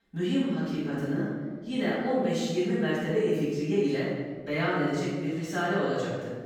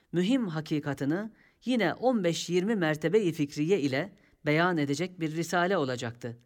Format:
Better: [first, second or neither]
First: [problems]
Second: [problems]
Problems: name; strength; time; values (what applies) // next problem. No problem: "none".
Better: second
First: off-mic speech; far // room echo; strong; dies away in 1.4 s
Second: none